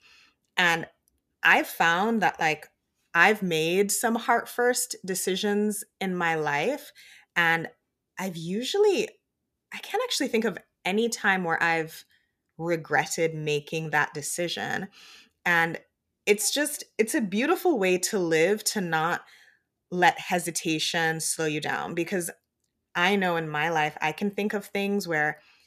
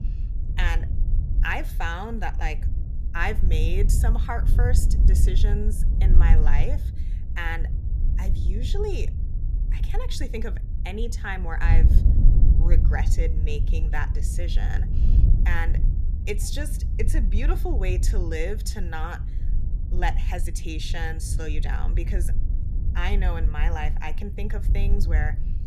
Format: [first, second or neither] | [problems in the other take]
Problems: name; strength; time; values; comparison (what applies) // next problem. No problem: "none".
first | wind noise on the microphone; occasional gusts; 10 dB below the speech